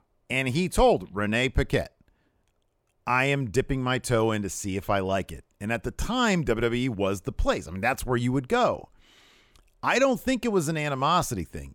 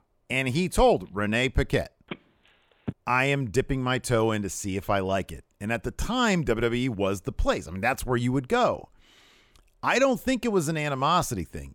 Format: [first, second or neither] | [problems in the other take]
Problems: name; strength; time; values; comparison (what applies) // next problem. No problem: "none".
first | phone ringing; faint; at 2 s; peak 15 dB below the speech